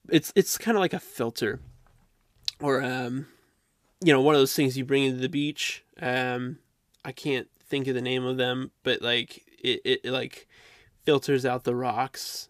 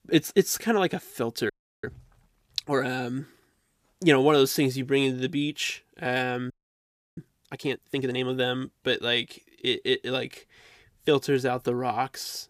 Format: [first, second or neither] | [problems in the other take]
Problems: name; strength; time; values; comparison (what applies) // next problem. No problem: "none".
first | audio freezing; at 1.5 s and at 6.5 s for 0.5 s